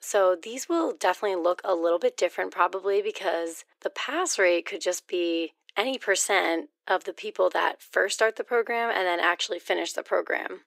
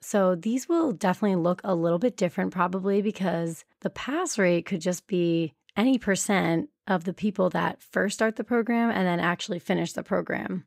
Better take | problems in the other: second | thin; very; fading below 350 Hz

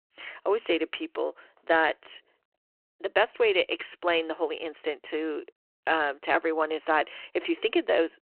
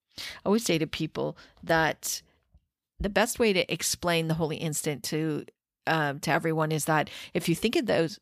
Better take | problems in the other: second | phone-call audio

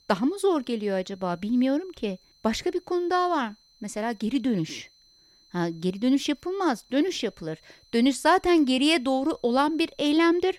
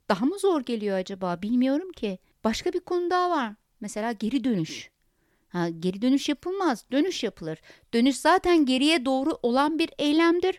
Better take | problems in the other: second | high-pitched whine; faint; throughout; 4 kHz, 30 dB below the speech

